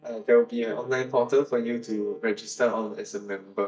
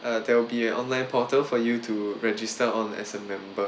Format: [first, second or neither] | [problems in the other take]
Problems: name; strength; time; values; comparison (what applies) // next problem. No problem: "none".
second | noise reduction (neural mask model DeepFilterNet 3)